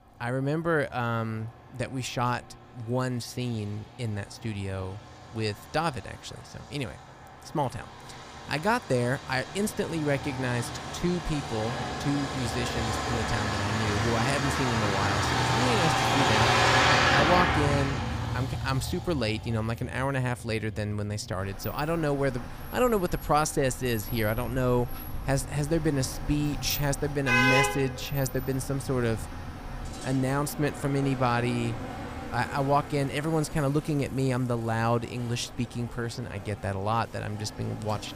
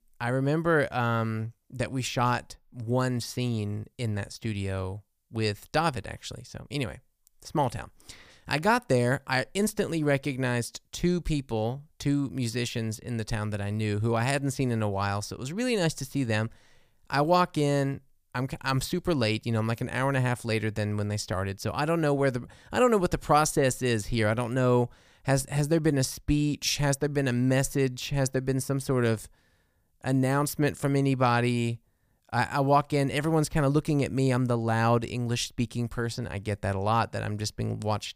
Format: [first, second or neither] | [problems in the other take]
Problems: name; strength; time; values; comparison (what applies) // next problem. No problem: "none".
second | traffic noise; very loud; throughout; as loud as the speech